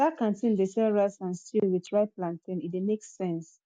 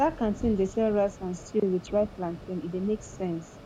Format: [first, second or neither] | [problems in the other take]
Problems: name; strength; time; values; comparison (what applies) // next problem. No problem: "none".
first | background sound (Thunder + Mechanisms); 15 dB below the speech